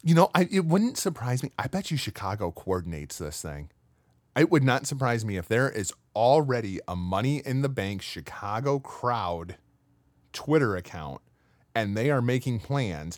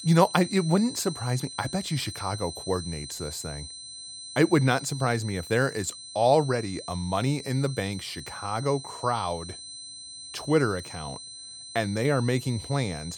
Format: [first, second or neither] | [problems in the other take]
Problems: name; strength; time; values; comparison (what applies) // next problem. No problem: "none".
first | high-pitched whine; noticeable; throughout; 4 kHz, 10 dB below the speech